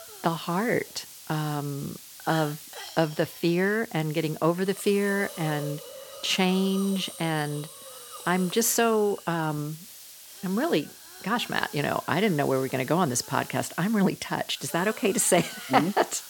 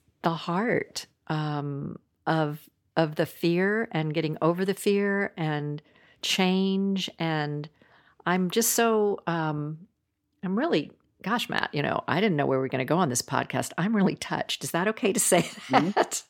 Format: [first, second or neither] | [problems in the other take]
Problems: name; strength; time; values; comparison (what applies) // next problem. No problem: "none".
second | hiss; noticeable; throughout; 15 dB below the speech